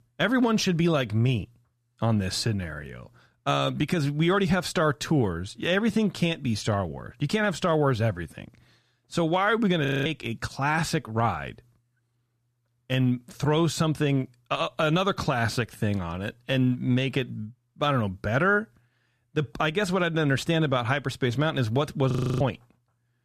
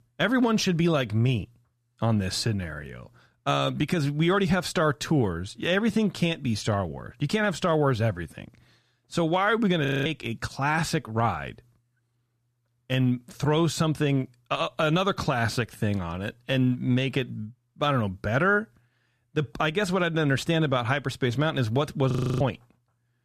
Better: neither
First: audio freezing; at 10 s and at 22 s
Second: audio freezing; at 10 s and at 22 s

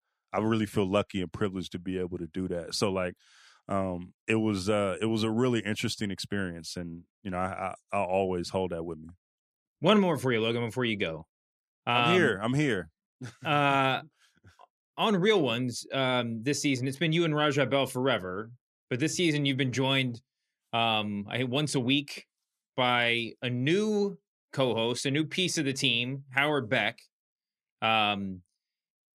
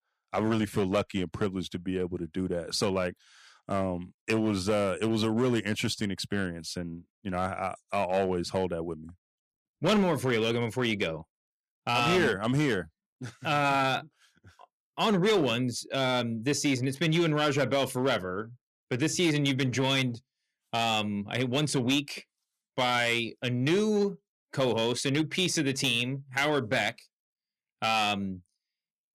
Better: first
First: none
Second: distortion; slight; 4% of the sound clipped

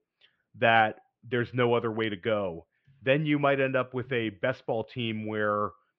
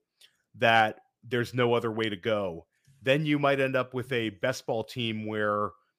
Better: second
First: muffled; very; fading above 3 kHz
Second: none

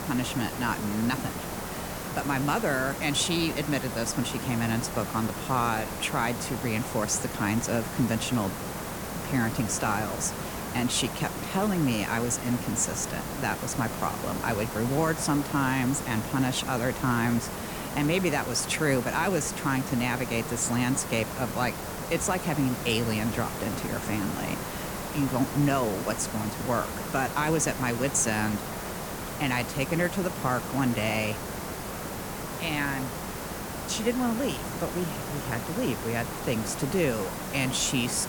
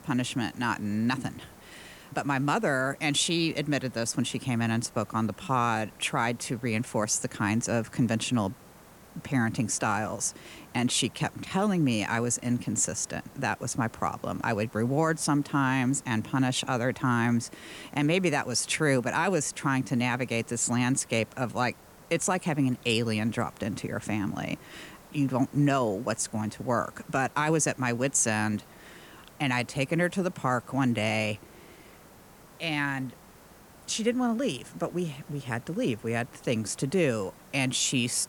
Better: second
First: hiss; loud; throughout; 6 dB below the speech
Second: hiss; faint; throughout; 25 dB below the speech

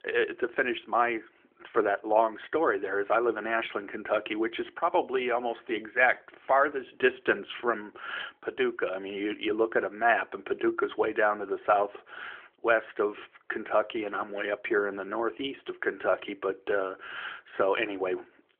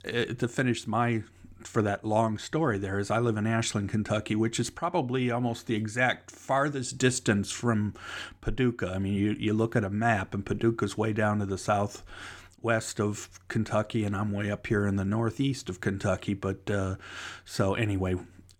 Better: second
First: phone-call audio; nothing above 3.5 kHz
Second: none

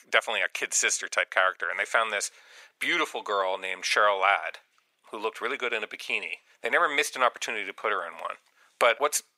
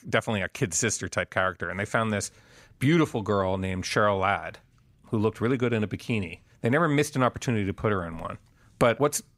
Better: second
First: thin; very; fading below 550 Hz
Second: none

